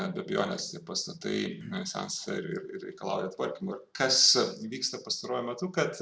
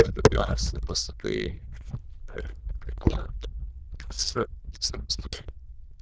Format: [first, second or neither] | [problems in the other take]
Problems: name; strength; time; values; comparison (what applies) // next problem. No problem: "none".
first | noise reduction (neural diffusion model UNIVERSE++)